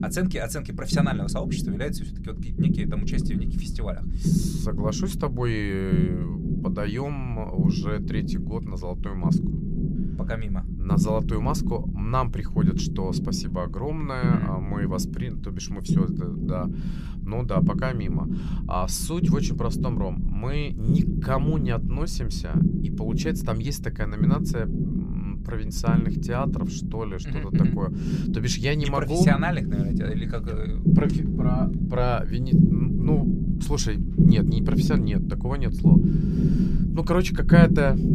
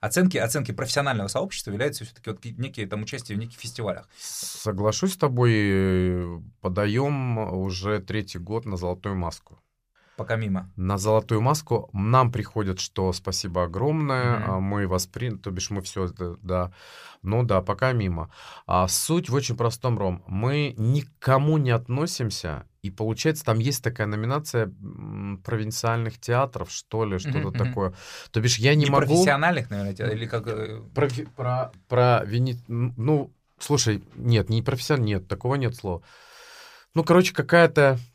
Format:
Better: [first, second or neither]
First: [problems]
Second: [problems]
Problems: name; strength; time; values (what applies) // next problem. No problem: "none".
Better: second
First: low rumble; loud; throughout; 2 dB below the speech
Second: none